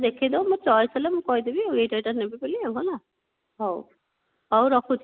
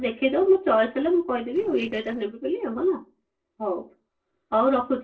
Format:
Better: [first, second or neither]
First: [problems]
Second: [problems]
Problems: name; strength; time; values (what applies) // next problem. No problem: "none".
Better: first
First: none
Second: noise reduction (neural separator model SepFormer DNS4)